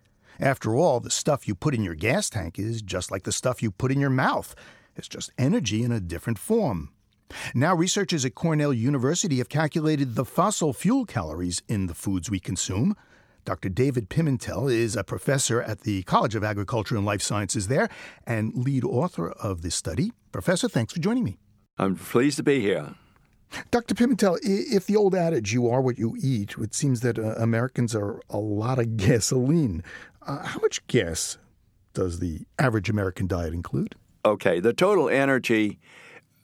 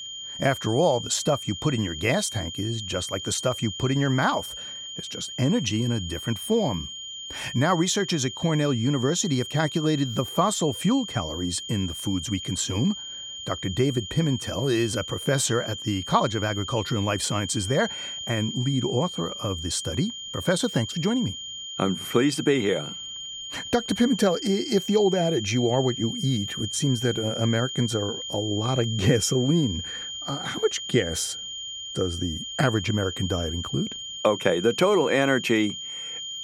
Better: first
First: none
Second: high-pitched whine; loud; throughout; 3 kHz, 8 dB below the speech

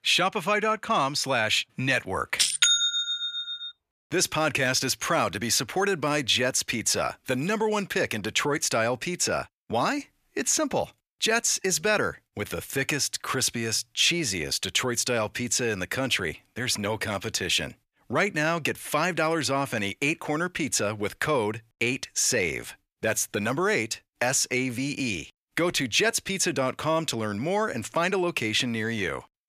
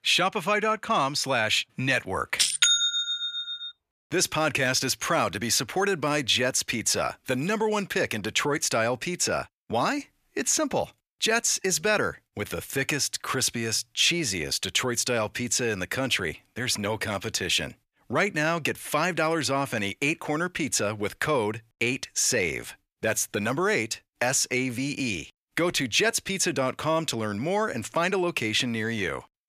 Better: neither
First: thin; somewhat; fading below 400 Hz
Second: thin; somewhat; fading below 400 Hz

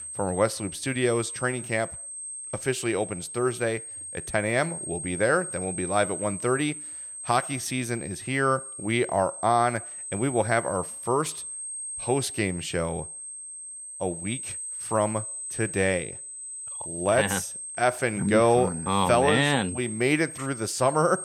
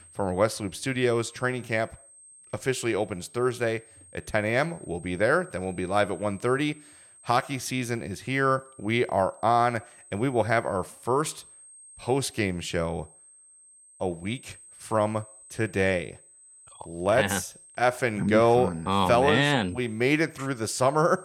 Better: second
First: high-pitched whine; loud; throughout; 8.5 kHz, 8 dB below the speech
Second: high-pitched whine; faint; throughout; 8.5 kHz, 25 dB below the speech

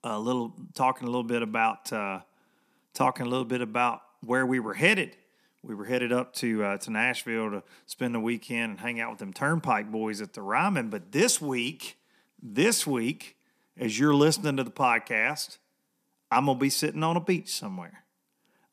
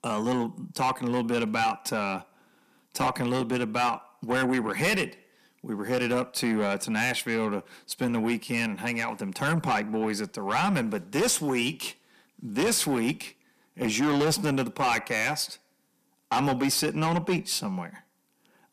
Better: first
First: none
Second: distortion; heavy; 7 dB below the speech

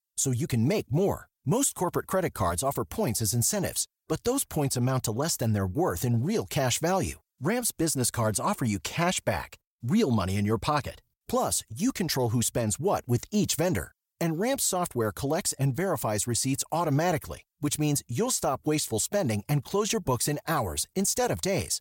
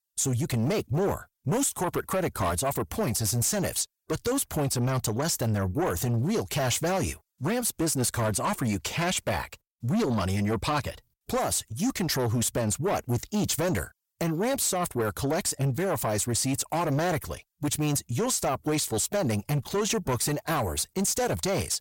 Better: first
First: none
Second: distortion; slight; 10 dB below the speech

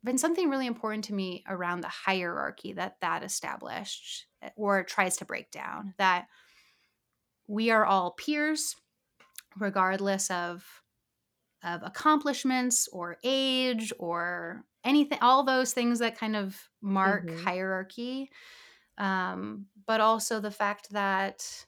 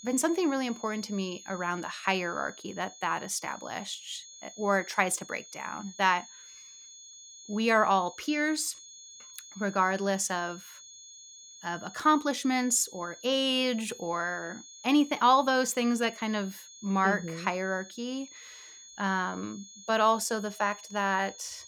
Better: first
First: none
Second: high-pitched whine; noticeable; throughout; 6.5 kHz, 20 dB below the speech

